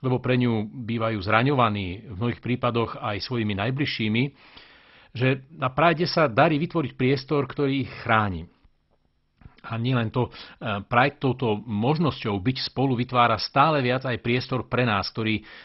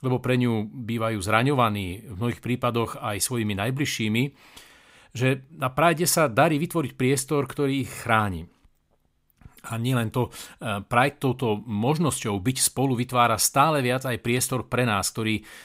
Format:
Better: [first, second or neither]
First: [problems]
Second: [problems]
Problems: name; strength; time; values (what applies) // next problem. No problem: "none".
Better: second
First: garbled, watery; badly; nothing above 5.5 kHz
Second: none